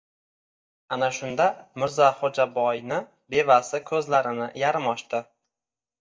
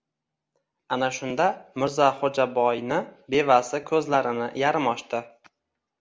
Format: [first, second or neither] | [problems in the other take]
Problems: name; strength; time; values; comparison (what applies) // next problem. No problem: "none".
second | noise reduction (neural mask model DeepFilterNet 3)